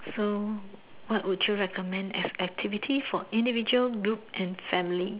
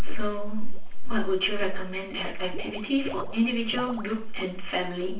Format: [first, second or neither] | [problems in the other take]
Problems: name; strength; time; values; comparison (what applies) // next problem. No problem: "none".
first | noise reduction (neural separator model SepFormer DNS4)